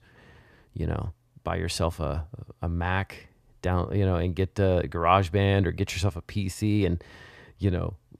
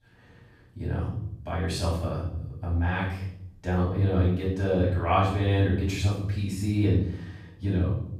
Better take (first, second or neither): first